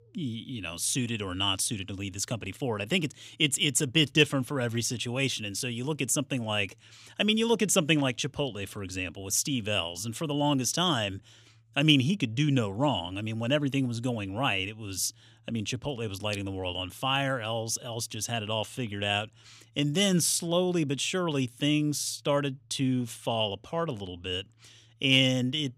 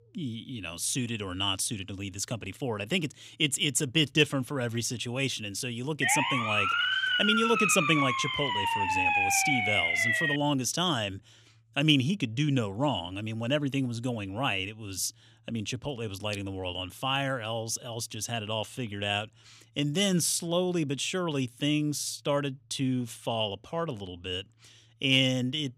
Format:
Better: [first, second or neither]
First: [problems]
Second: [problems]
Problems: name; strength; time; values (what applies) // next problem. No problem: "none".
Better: first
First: none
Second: siren; loud; from 6 to 10 s; peak 5 dB above the speech